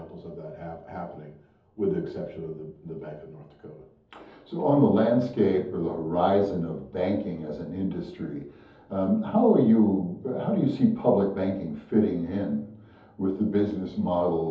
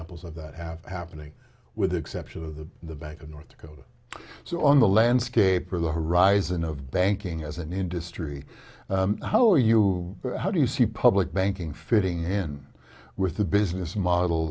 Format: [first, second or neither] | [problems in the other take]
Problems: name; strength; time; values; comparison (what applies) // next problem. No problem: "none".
second | room echo; dies away in 0.6 s